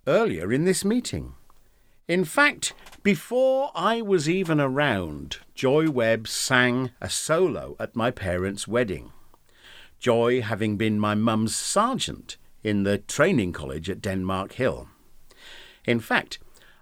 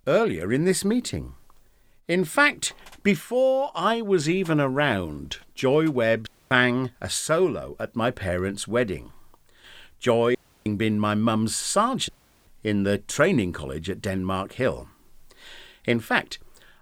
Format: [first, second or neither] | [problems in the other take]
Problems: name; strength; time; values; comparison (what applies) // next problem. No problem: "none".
first | audio cutting out; at 6.5 s, at 10 s and at 12 s